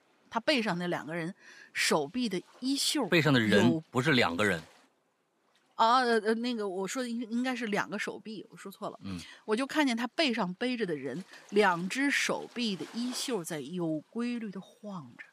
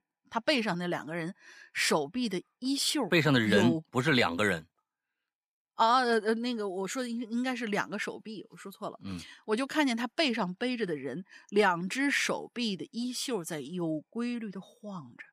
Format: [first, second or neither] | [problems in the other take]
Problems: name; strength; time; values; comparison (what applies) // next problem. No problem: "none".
second | rain or running water; faint; throughout; 25 dB below the speech